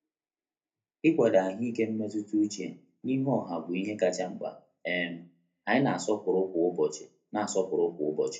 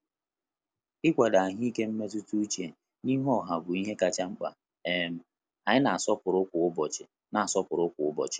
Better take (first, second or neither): second